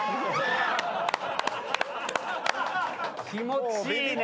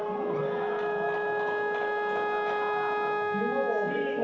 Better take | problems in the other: first | background sound (Wind instrument, woodwind instrument); 4 dB above the speech // room echo; dies away in 0.9 s

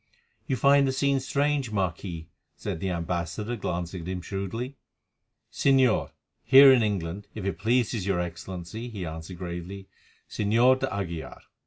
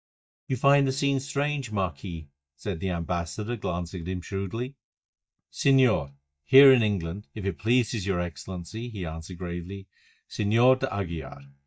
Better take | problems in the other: first | noise reduction (neural mask model DeepFilterNet 3)

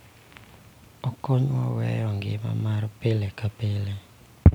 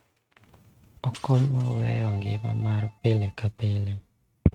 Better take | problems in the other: first | noise reduction (neural mask model RNNoise)

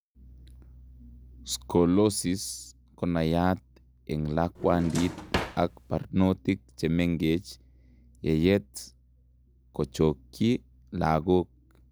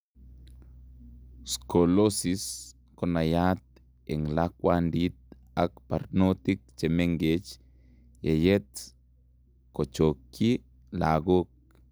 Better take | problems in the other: second | background sound (Drawer open or close); 7 dB below the speech

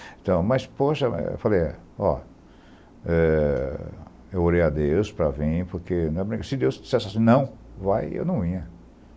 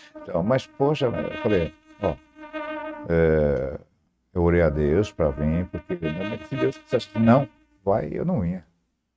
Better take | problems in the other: first | noise reduction (neural mask model RNNoise)

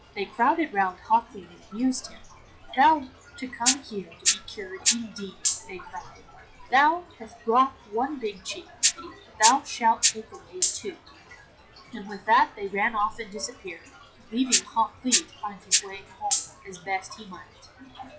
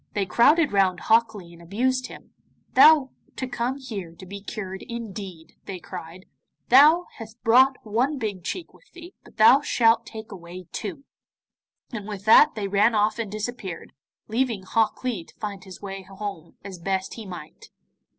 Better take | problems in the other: second | noise reduction (classical method log-MMSE)

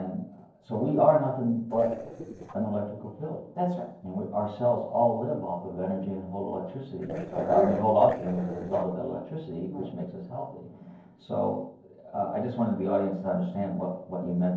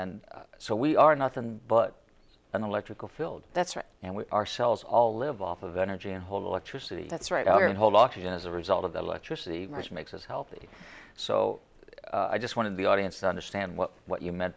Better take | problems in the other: second | noise reduction (neural separator model SepFormer DNS4)

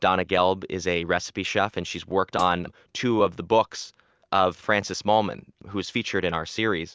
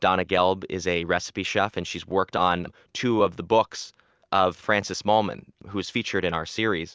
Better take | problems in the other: second | background sound (Hi-hat); 18 dB below the speech

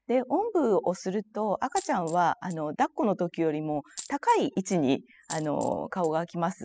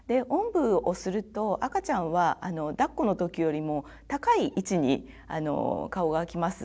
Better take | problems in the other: second | noise reduction (classical method spectral subtraction)

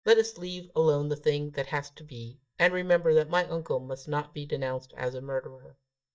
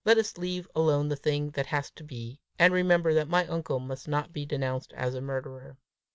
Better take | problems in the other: second | noise reduction (neural mask model DeepFilterNet 3)

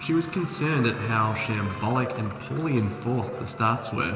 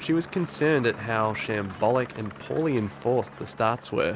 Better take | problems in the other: second | background sound (Trumpet); 20 dB below the speech // room echo; dies away in 1.9 s

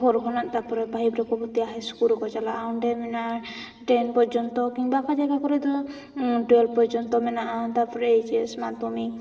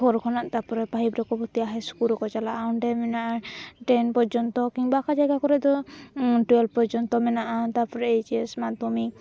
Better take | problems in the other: second | room echo; dies away in 2.1 s

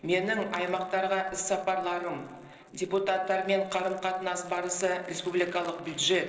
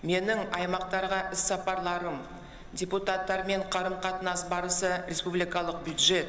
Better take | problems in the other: second | noise reduction (neural separator model SepFormer DNS4)

